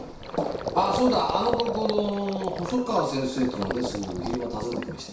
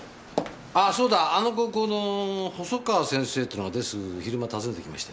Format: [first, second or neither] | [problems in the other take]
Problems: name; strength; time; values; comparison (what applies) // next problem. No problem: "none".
second | background sound (Gurgling); 6 dB below the speech // room echo; dies away in 0.6 s